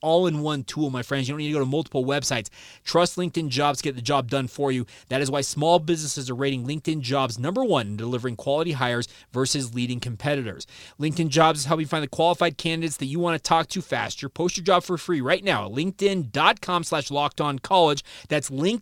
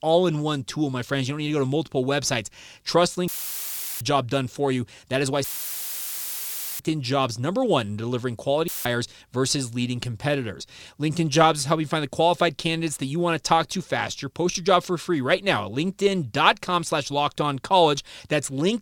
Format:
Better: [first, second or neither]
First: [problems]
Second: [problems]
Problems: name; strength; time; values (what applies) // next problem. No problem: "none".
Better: first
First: none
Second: audio cutting out; filled with static; at 3.5 s for 0.5 s, at 5.5 s for 1.5 s and at 8.5 s